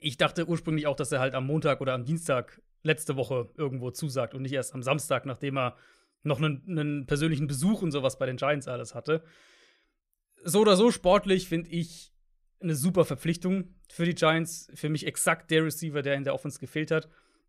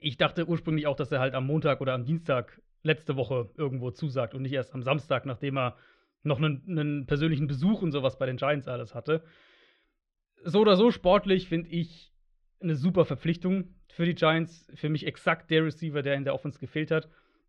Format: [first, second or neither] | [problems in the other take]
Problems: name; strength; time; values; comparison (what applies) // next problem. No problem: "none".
first | muffled; slightly; fading above 3.5 kHz